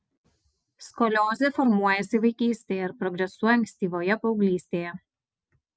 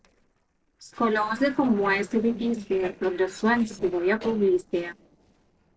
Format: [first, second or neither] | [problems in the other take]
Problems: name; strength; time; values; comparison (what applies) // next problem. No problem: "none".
first | noise reduction (neural separator model SepFormer DNS4)